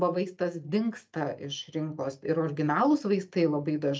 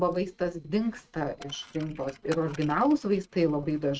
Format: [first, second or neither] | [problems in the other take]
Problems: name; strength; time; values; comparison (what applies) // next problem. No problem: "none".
first | noise reduction (neural mask model RNNoise)